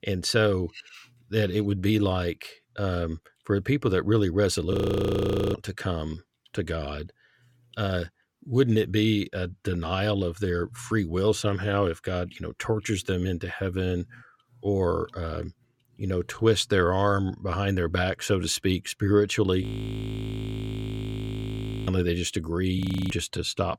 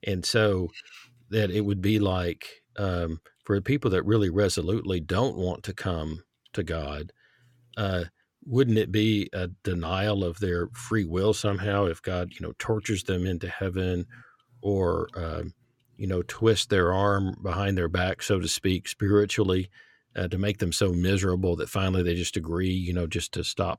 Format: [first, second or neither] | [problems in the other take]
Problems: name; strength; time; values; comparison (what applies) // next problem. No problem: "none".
second | audio freezing; at 4.5 s for 1 s, at 20 s for 2 s and at 23 s